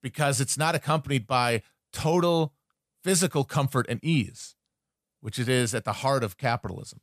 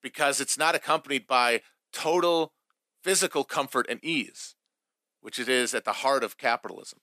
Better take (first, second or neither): first